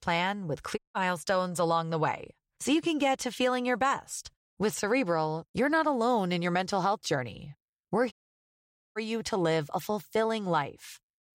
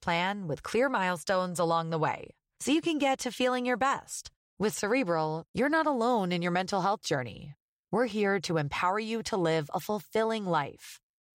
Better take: second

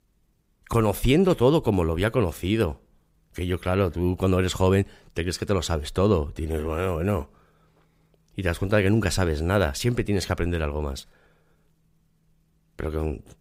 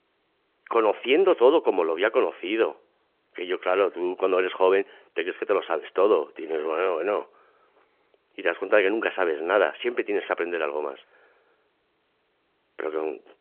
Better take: first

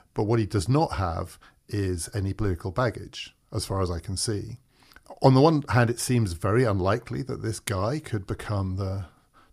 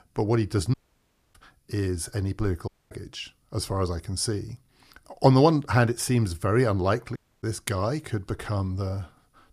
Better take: first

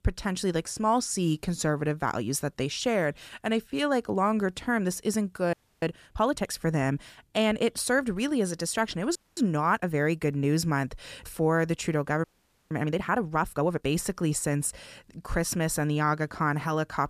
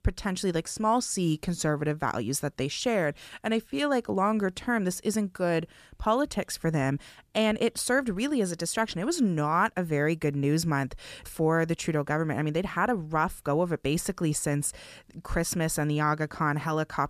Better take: second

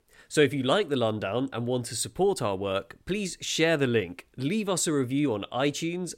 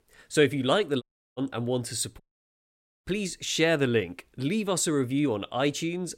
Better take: first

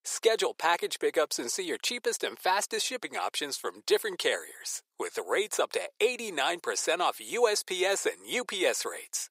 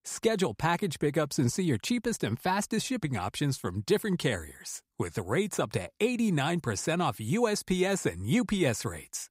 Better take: second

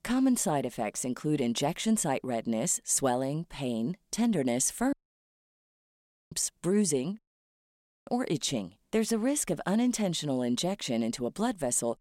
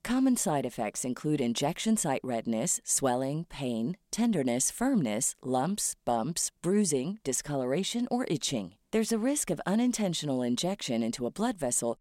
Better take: second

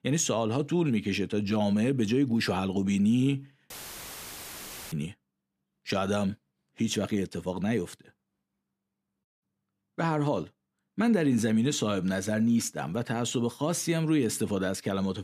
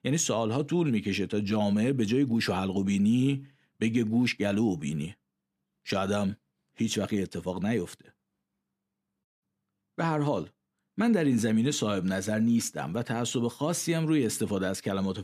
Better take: second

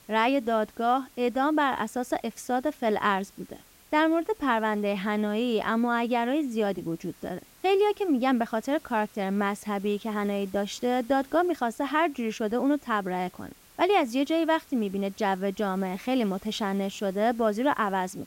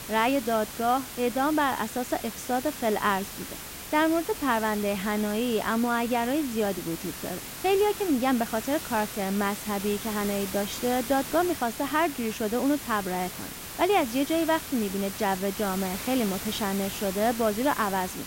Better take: first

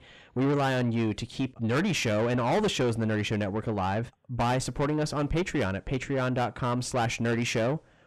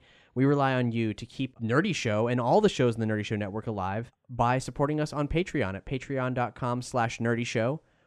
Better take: second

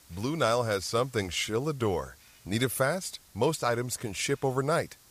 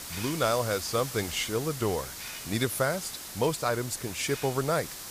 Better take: first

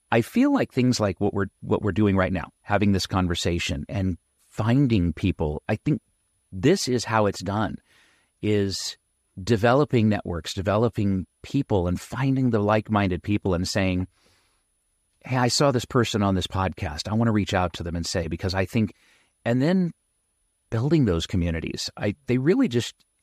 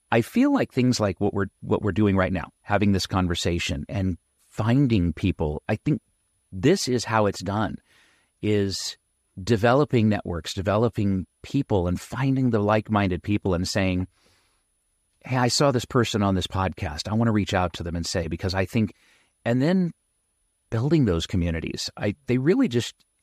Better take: neither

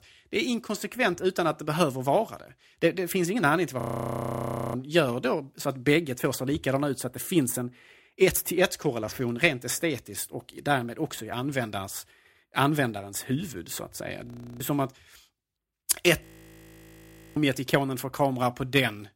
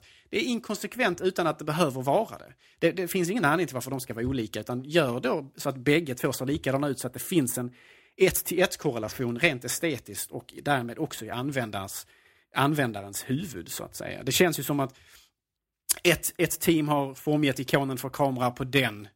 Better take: second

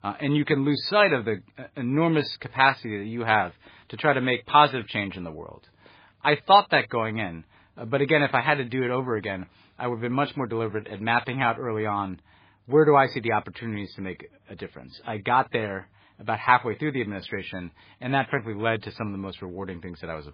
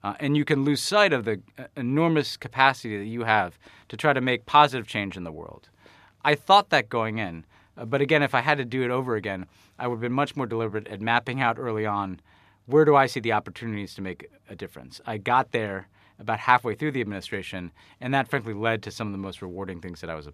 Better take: second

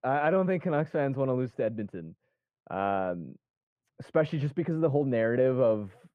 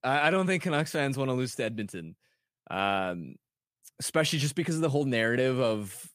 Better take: second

